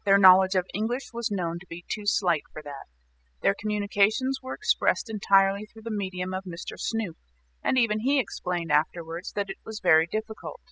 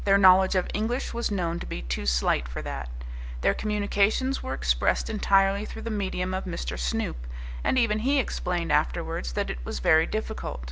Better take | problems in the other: second | noise reduction (classical method spectral subtraction)

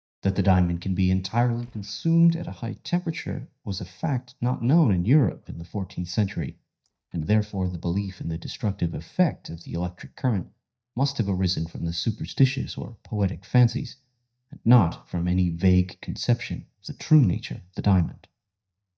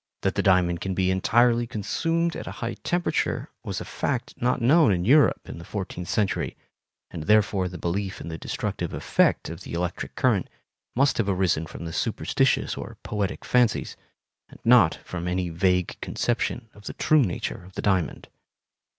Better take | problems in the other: second | noise reduction (neural mask model DeepFilterNet 3)

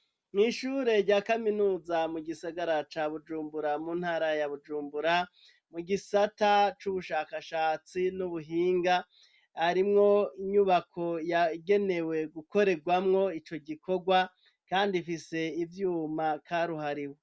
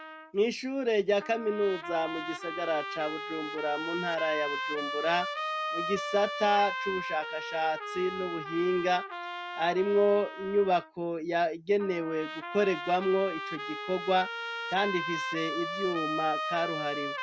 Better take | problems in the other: first | background sound (Trumpet); 6 dB below the speech

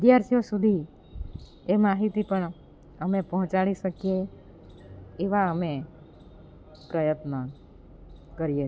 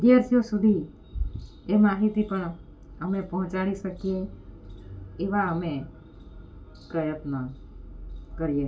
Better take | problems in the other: first | room echo; dies away in 0.2 s

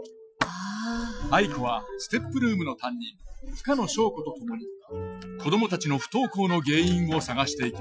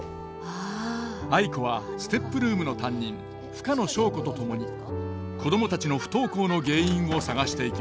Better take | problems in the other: second | noise reduction (classical method Wiener filter)

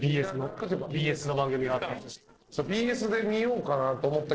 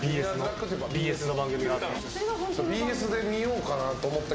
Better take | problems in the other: second | noise reduction (neural separator model SepFormer DNS4)

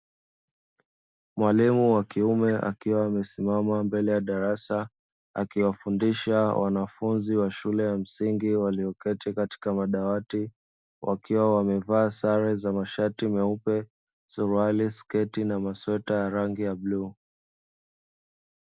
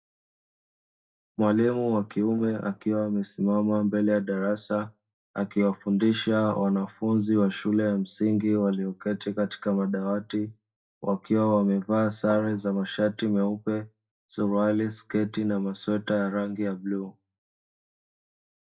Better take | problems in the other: first | noise reduction (neural mask model DeepFilterNet 3)

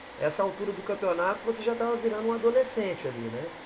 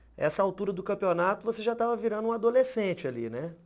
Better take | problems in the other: second | background sound (Domestic sounds, home sounds); 15 dB below the speech // room echo; dies away in 0.5 s

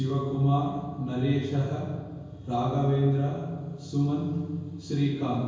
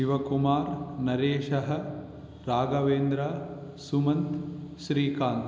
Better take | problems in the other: second | room echo; dies away in 1 s

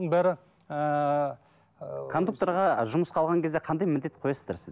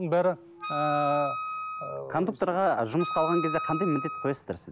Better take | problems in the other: first | background sound (Wind instrument, woodwind instrument); 7 dB below the speech

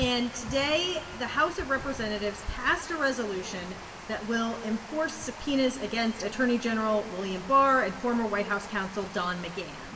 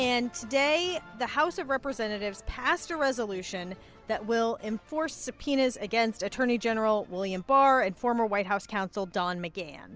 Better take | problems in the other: second | background sound (Water); 13 dB below the speech // room echo; dies away in 1.4 s

